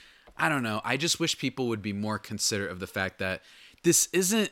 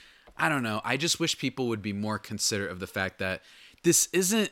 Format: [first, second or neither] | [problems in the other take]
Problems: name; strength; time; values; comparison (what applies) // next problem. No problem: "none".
neither | none